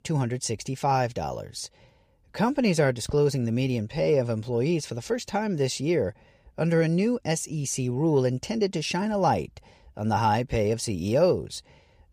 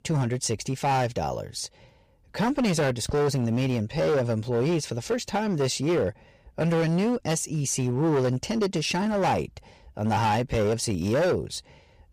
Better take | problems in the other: first | distortion; slight; 14% of the sound clipped

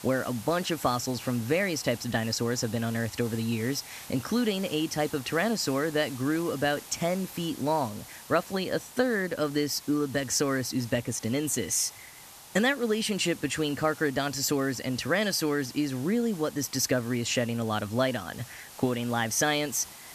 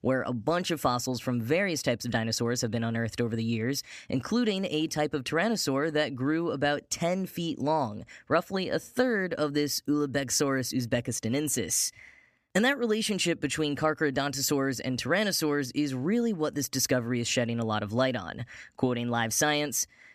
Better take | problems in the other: second | hiss; noticeable; throughout; 15 dB below the speech

